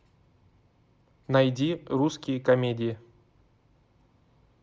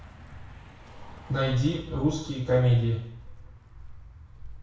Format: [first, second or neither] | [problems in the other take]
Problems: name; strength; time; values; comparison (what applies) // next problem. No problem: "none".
first | background sound (Car passing by); 17 dB below the speech // room echo; dies away in 0.6 s